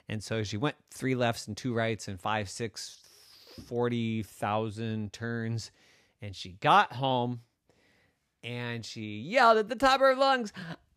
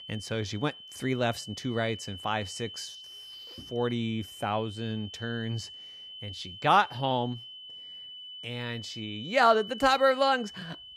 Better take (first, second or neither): first